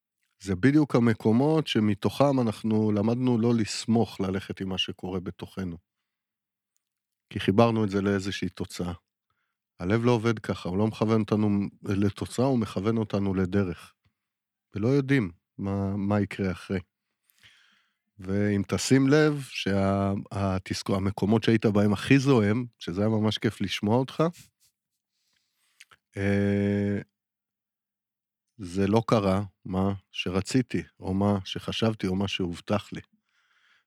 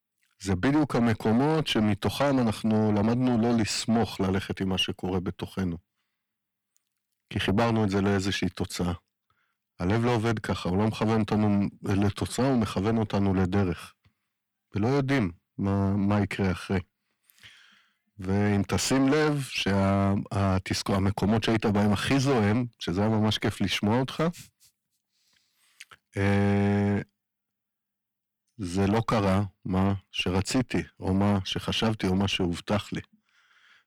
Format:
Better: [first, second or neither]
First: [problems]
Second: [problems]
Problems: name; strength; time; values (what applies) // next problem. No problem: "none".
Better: first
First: none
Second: distortion; heavy; 6 dB below the speech